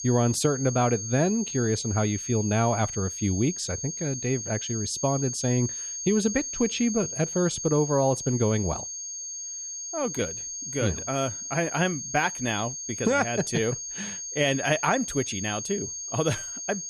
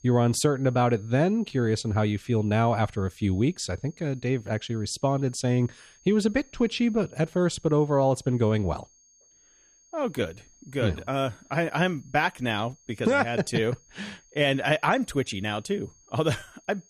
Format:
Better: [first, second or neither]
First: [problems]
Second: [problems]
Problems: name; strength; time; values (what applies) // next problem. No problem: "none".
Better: second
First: high-pitched whine; loud; throughout; 6.5 kHz, 5 dB below the speech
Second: high-pitched whine; faint; throughout; 6.5 kHz, 30 dB below the speech